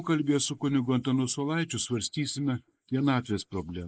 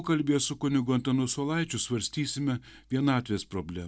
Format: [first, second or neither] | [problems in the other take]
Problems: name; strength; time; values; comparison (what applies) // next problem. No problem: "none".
second | noise reduction (neural mask model Resemble Enhance denoiser)